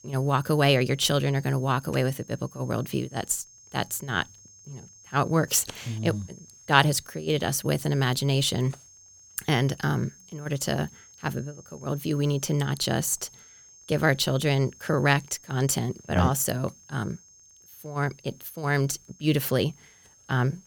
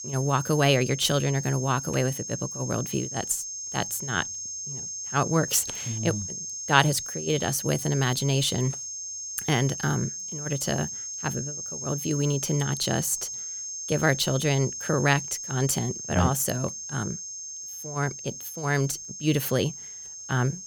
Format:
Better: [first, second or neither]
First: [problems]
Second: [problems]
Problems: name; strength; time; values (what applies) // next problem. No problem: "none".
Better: first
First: high-pitched whine; faint; throughout; 6.5 kHz, 25 dB below the speech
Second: high-pitched whine; loud; throughout; 6.5 kHz, 6 dB below the speech